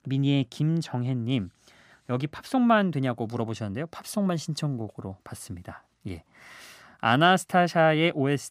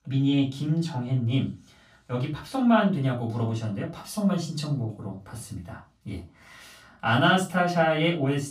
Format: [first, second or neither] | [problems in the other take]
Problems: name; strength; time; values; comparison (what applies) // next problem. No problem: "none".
first | off-mic speech; far // room echo; slight; dies away in 0.3 s